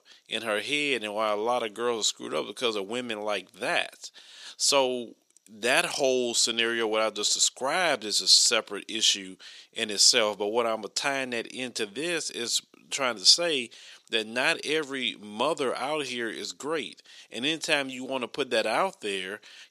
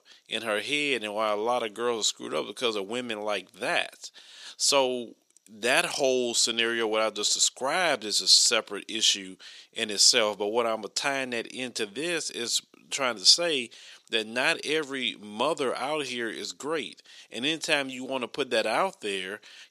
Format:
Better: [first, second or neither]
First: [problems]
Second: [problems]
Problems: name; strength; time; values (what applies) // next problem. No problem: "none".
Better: neither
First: thin; somewhat; fading below 500 Hz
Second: thin; somewhat; fading below 500 Hz